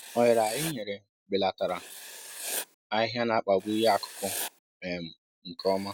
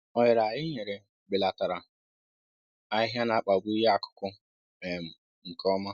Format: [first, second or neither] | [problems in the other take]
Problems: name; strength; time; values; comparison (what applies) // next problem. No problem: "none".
second | background sound (Writing); 12 dB below the speech